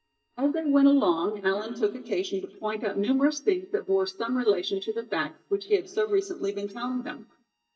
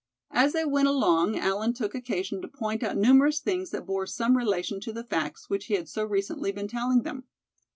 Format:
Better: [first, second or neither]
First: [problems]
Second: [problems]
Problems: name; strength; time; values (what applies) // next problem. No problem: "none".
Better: second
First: noise reduction (neural mask model DeepFilterNet 3)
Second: none